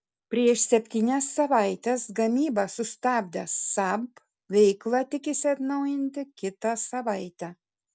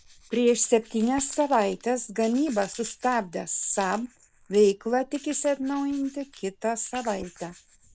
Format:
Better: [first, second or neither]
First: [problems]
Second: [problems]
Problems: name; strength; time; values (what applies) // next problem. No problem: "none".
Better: first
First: none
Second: noise reduction (neural mask model Resemble Enhance denoiser)